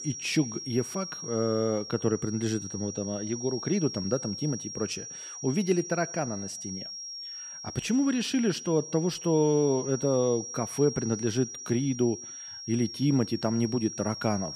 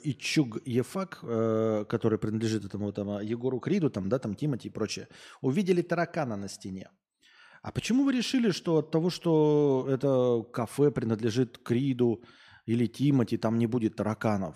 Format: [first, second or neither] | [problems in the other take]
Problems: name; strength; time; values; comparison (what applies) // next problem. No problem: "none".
second | high-pitched whine; loud; throughout; 5.5 kHz, 9 dB below the speech